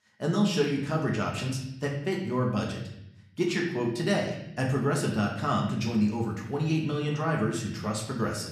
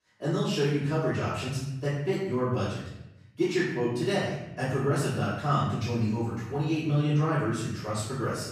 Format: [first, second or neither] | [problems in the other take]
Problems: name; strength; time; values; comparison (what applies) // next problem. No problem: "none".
first | room echo; strong; dies away in 0.9 s; slight in the first // off-mic speech; far; somewhat distant in the first